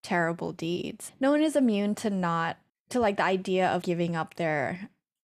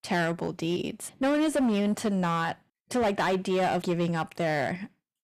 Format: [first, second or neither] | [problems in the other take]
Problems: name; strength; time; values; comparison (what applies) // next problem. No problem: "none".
first | distortion; slight; 11% of the sound clipped